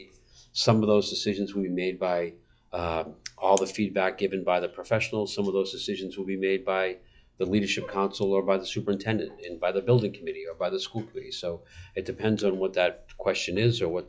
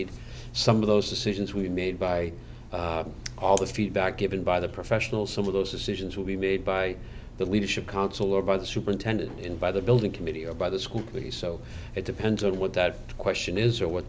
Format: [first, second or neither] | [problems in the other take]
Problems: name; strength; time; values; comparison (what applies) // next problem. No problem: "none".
second | noise reduction (classical method log-MMSE)